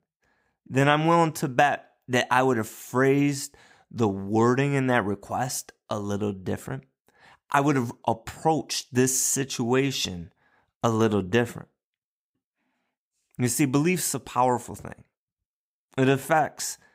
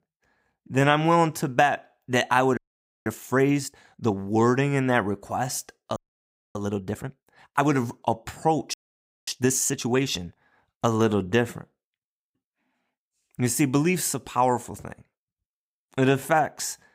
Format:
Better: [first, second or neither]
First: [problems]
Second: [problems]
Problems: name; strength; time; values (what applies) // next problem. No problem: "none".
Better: first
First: none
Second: audio freezing; at 2.5 s, at 6 s for 0.5 s and at 8.5 s for 0.5 s